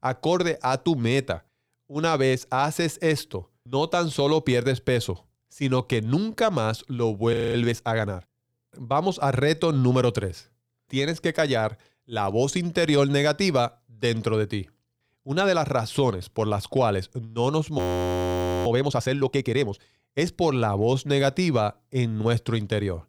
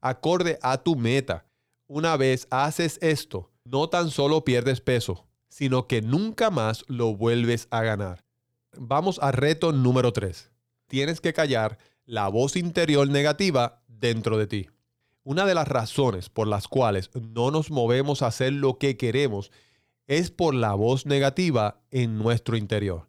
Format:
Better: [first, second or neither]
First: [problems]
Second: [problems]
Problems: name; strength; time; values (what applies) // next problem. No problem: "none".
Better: second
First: audio freezing; at 7.5 s and at 18 s for 1 s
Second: none